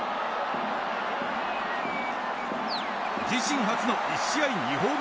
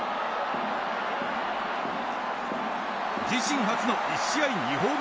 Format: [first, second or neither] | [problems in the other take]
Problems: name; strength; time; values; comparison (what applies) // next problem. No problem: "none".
second | background sound (Bird); 16 dB below the speech